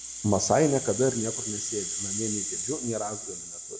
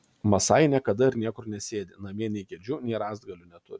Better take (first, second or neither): second